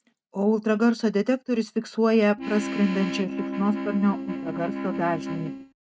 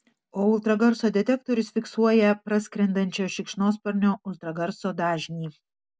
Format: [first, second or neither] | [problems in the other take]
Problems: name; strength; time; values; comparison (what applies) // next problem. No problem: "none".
second | noise reduction (neural mask model RNNoise)